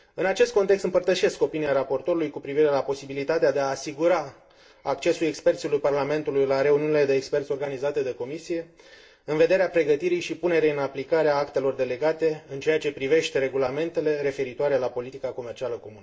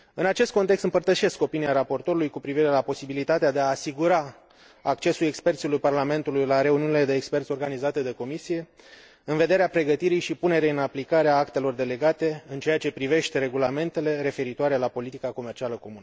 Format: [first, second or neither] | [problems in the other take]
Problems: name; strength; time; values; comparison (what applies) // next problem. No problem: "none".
second | room echo; dies away in 0.4 s